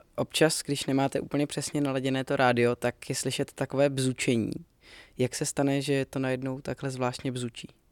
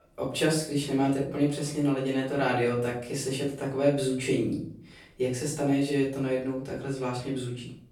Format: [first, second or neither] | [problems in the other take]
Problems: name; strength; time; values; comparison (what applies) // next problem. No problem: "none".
first | off-mic speech; far // room echo; noticeable; dies away in 0.5 s